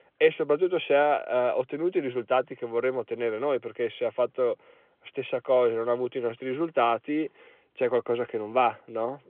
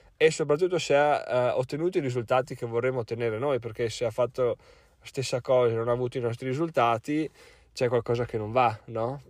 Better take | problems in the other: second | phone-call audio; nothing above 3.5 kHz

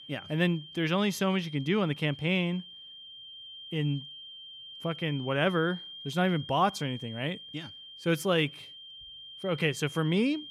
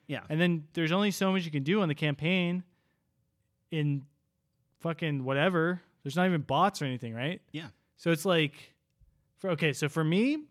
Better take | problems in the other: second | high-pitched whine; noticeable; throughout; 3 kHz, 15 dB below the speech

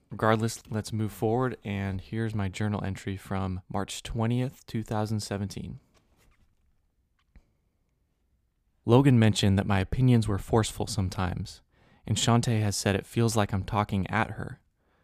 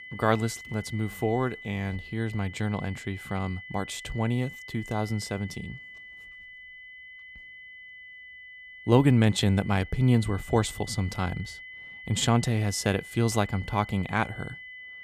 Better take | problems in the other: first | high-pitched whine; noticeable; throughout; 2 kHz, 15 dB below the speech

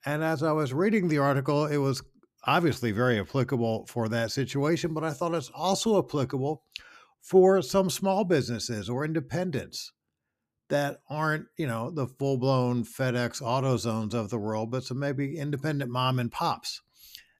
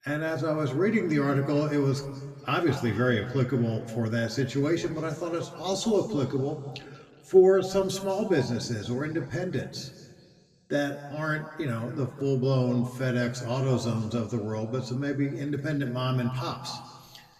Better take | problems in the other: first | room echo; slight; dies away in 1.8 s // off-mic speech; somewhat distant

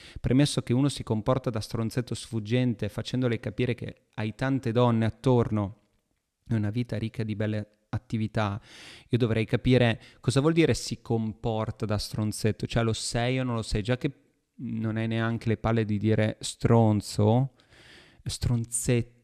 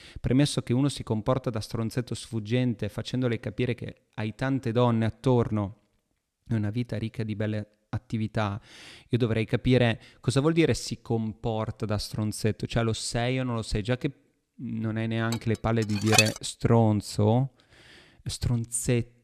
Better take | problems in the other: first | clattering dishes; loud; at 15 s; peak 6 dB above the speech

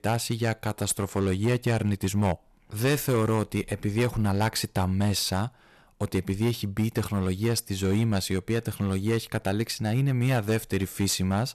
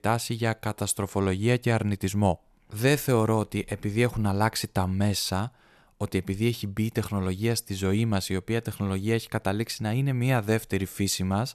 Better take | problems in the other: second | distortion; slight; 7% of the sound clipped

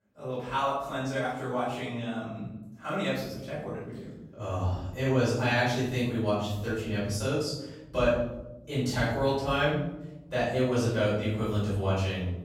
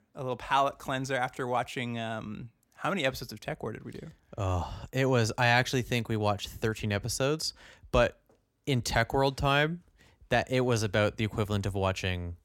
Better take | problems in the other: second | off-mic speech; far // room echo; strong; dies away in 1 s

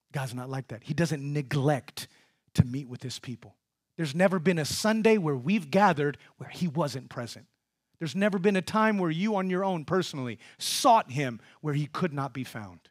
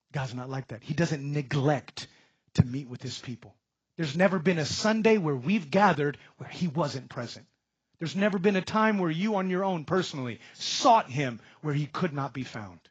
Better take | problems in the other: first | garbled, watery; badly; nothing above 7.5 kHz

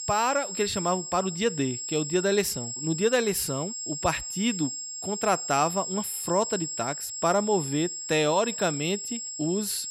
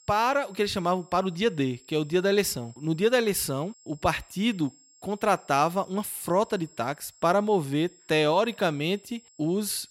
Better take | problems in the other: second | high-pitched whine; loud; throughout; 7.5 kHz, 5 dB below the speech; faint in the second

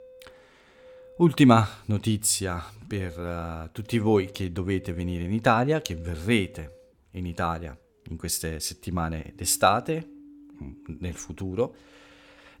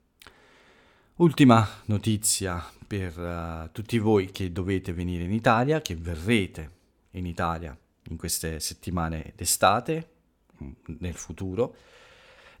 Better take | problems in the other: second | background music; faint; throughout; 25 dB below the speech

